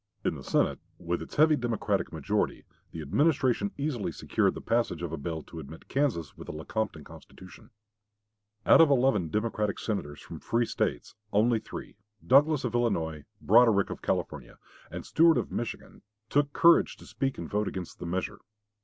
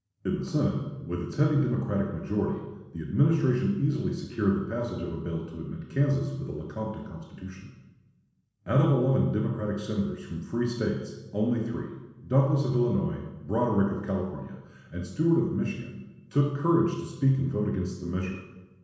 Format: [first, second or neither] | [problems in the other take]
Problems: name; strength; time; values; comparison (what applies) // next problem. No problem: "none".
first | room echo; dies away in 1.1 s